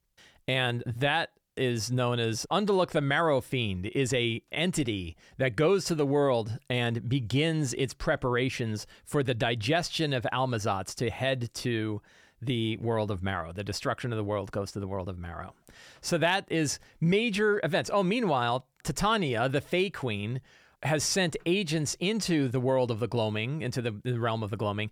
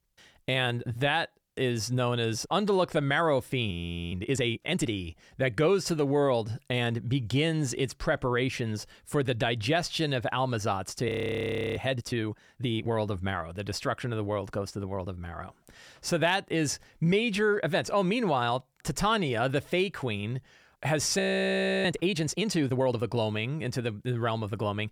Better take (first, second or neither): first